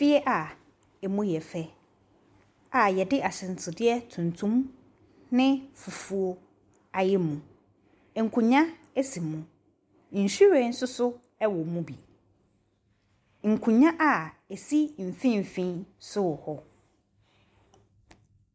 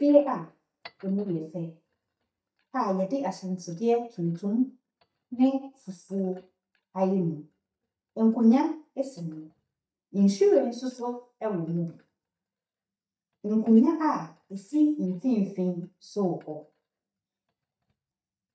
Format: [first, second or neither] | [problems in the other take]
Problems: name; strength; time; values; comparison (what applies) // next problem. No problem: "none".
first | noise reduction (neural mask model DeepFilterNet 3)